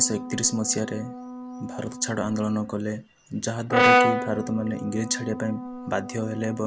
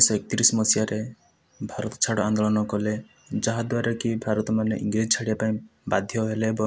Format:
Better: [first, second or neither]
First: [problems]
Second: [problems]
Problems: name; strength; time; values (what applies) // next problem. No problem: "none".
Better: second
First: background sound (Brass instrument); as loud as the speech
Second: none